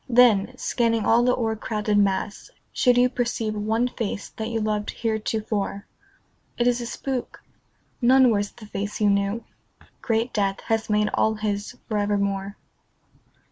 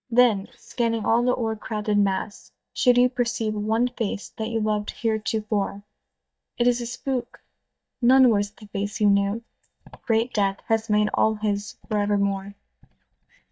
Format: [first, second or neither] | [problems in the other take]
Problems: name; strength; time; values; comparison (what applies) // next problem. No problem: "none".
first | noise reduction (neural mask model DeepFilterNet 3)